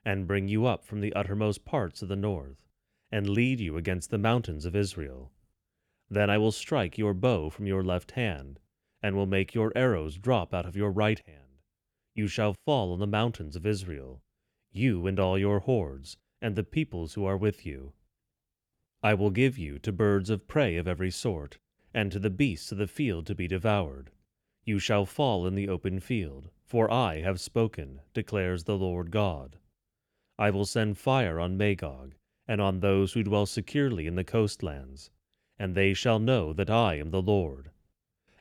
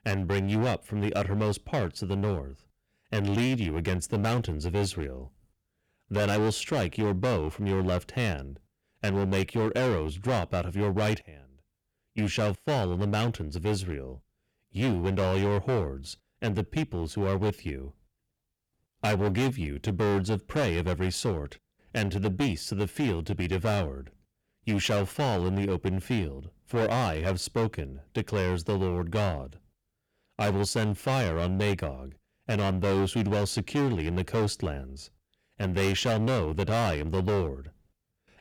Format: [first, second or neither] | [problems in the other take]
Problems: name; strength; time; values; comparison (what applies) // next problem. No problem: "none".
first | distortion; heavy; 14% of the sound clipped